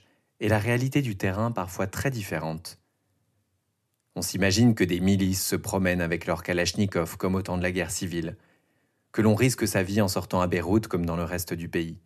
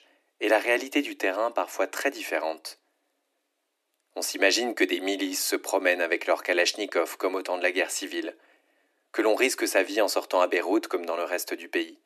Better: first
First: none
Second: thin; very; fading below 300 Hz

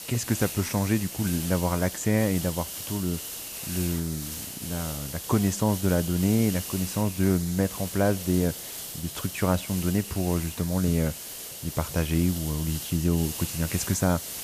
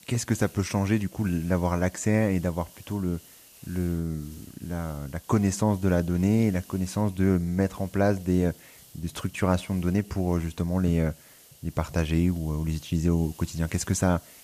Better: second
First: hiss; loud; throughout; 7 dB below the speech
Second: hiss; faint; throughout; 25 dB below the speech

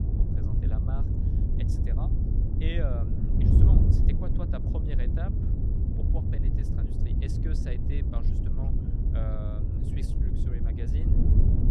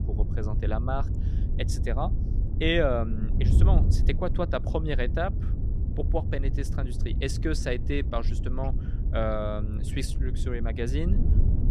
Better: second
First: wind noise on the microphone; heavy; 4 dB above the speech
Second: wind noise on the microphone; occasional gusts; 10 dB below the speech

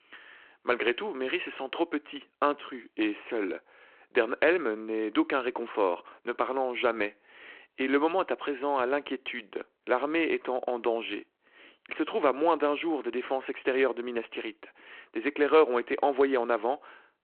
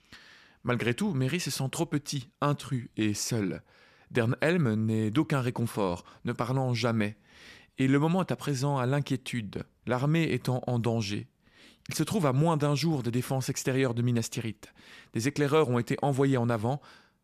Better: second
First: phone-call audio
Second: none

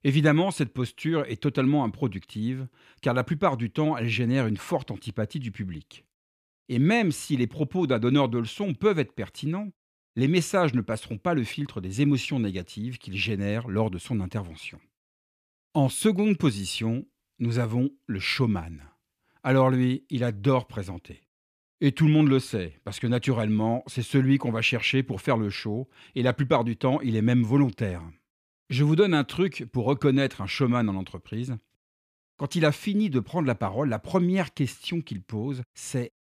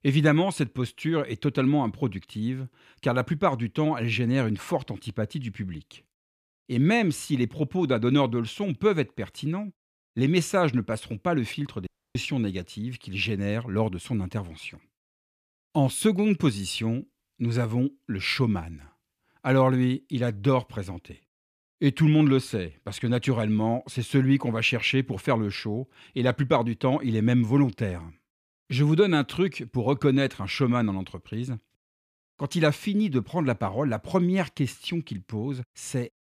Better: first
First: none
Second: audio cutting out; at 12 s

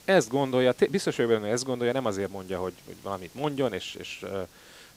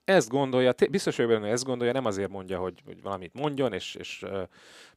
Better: second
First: hiss; faint; throughout; 25 dB below the speech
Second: none

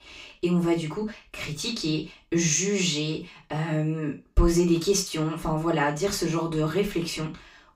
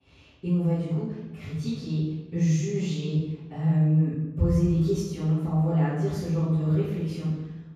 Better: first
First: room echo; slight; dies away in 0.3 s // off-mic speech; far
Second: room echo; strong; dies away in 1.4 s // off-mic speech; far

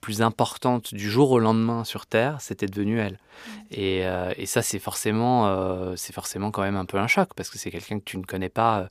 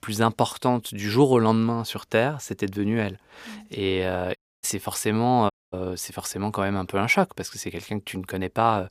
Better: first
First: none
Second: audio cutting out; at 4.5 s and at 5.5 s

